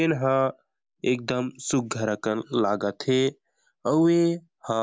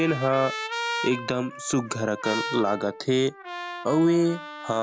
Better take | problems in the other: first | background sound (Trumpet); 9 dB below the speech

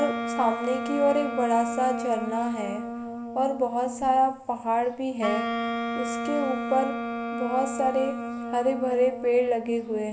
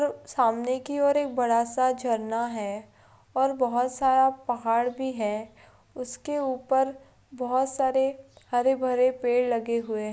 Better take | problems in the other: second | background sound (Wind instrument, woodwind instrument); 5 dB below the speech // room echo; dies away in 2.8 s

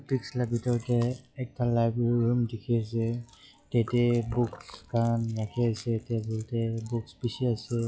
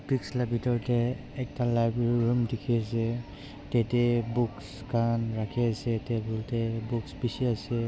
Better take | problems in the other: second | noise reduction (classical method log-MMSE)

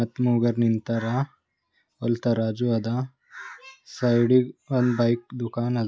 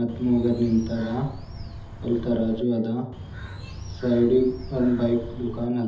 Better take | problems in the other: first | background sound (Bird); 12 dB below the speech // room echo; dies away in 1.2 s

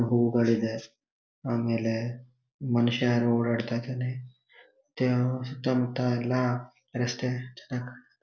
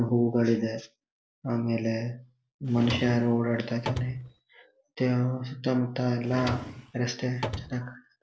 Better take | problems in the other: first | background sound (Drawer open or close); 9 dB below the speech

